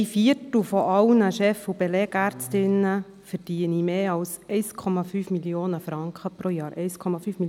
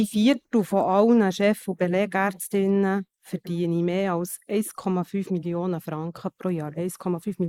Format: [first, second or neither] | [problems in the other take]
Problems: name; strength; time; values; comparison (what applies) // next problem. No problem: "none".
first | noise reduction (neural mask model Resemble Enhance denoiser)